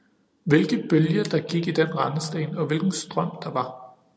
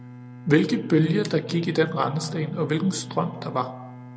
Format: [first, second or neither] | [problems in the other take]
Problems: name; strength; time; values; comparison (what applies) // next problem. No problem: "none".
first | background sound (Bowed string instrument); 15 dB below the speech